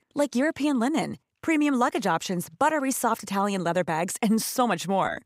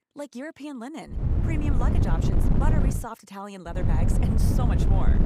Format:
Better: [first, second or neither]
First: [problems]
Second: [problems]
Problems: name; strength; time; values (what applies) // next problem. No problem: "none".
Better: first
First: none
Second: wind noise on the microphone; heavy; from 1 to 3 s and from 4 s on; 1 dB above the speech